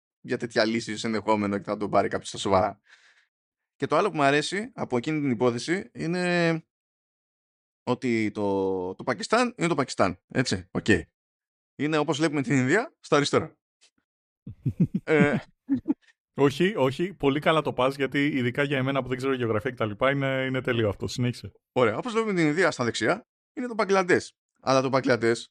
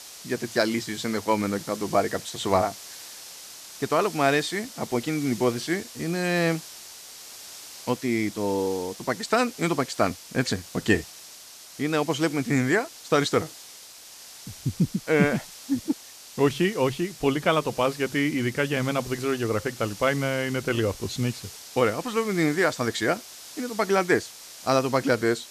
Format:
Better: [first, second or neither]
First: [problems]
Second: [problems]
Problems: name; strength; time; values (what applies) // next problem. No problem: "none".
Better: first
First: none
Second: hiss; noticeable; throughout; 15 dB below the speech